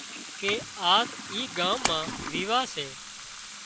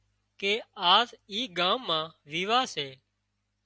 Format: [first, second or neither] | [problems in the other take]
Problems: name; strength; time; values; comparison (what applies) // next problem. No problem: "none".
second | background sound (Splash, splatter + Toilet flush / Water tap, faucet); 7 dB below the speech